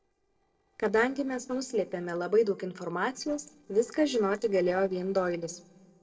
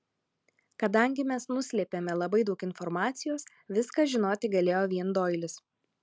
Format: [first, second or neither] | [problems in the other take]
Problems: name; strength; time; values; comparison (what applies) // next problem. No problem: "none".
second | noise reduction (neural separator model SepFormer DNS4)